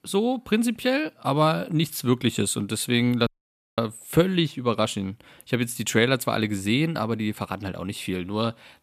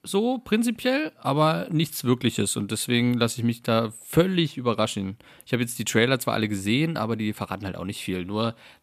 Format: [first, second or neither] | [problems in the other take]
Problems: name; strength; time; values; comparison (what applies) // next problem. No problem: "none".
second | audio cutting out; at 3.5 s for 0.5 s